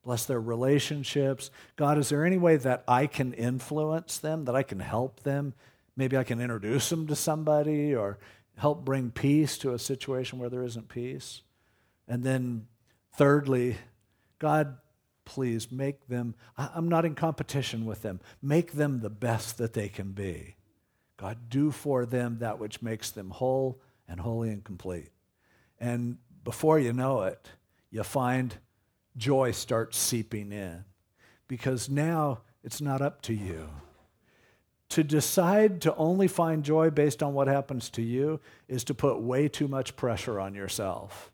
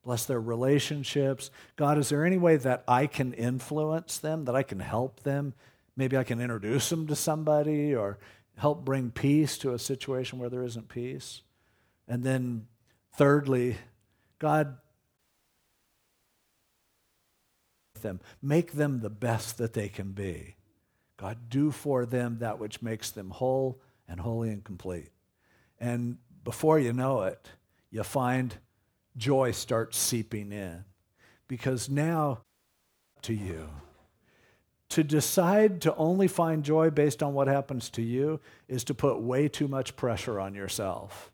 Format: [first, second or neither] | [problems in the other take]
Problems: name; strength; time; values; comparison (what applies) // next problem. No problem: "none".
first | audio cutting out; at 15 s for 3 s and at 32 s for 0.5 s